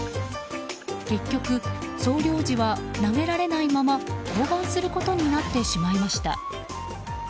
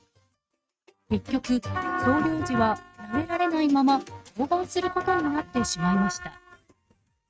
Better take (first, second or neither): first